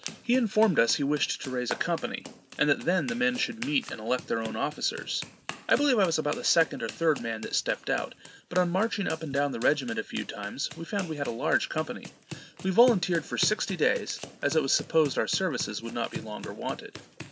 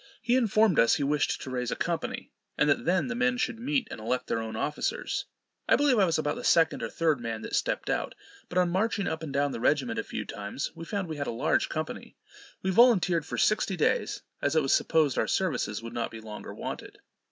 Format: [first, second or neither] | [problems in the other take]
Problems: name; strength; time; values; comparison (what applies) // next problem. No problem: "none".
second | background sound (Run); 15 dB below the speech